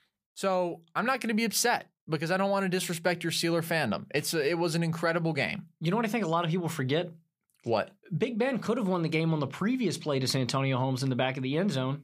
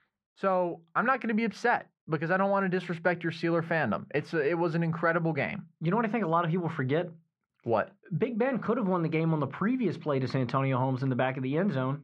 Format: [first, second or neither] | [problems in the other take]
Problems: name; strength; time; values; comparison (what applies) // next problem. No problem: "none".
first | muffled; very; fading above 2 kHz